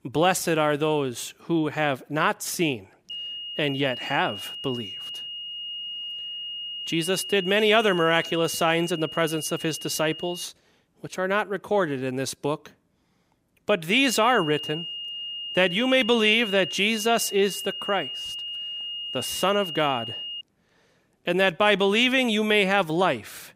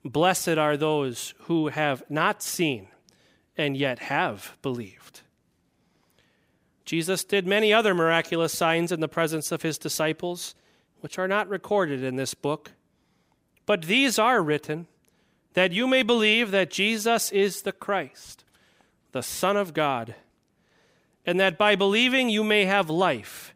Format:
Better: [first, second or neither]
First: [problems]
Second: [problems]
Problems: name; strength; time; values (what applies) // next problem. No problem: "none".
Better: second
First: high-pitched whine; loud; from 3 to 10 s and from 14 to 20 s; 3 kHz, 8 dB below the speech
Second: none